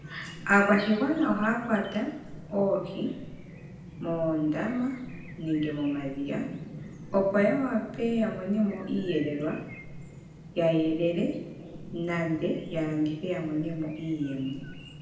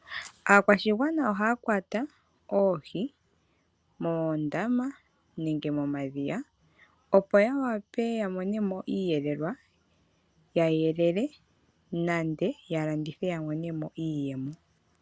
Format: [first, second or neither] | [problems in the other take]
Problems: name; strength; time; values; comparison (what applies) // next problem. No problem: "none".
second | background sound (Chirp, tweet); 14 dB below the speech // room echo; dies away in 0.8 s